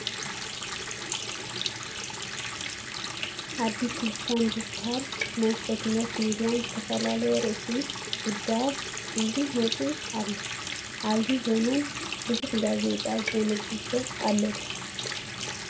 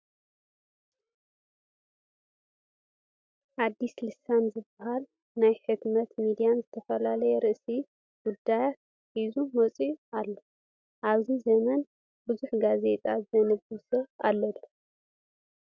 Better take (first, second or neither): second